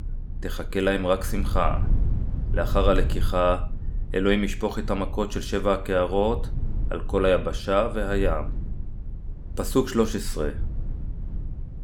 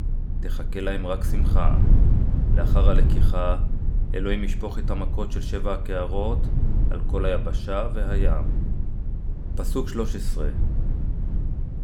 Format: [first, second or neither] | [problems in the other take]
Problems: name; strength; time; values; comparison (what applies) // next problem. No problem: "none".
first | low rumble; loud; throughout; 9 dB below the speech; faint in the first